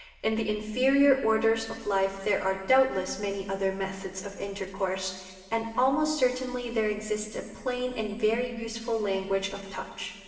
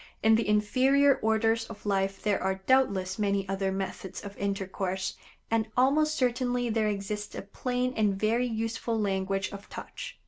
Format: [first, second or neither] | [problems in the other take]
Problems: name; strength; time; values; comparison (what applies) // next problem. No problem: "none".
second | room echo; dies away in 2.6 s